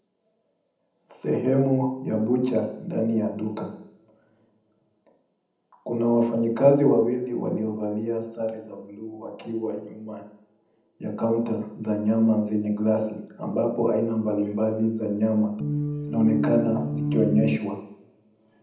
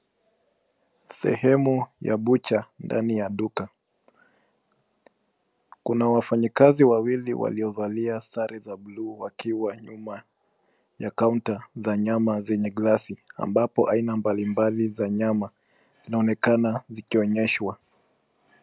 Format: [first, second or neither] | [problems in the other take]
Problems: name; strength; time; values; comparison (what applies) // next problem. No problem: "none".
second | background sound (Organ); 1 dB below the speech // room echo; dies away in 0.8 s